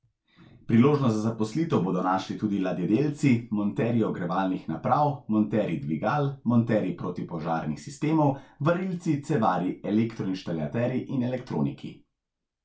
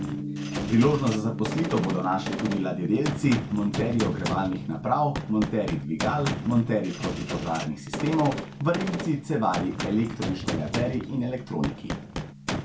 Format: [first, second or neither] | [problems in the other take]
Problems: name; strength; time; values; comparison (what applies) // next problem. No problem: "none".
first | background sound (Gong + Gunshot, gunfire); 6 dB below the speech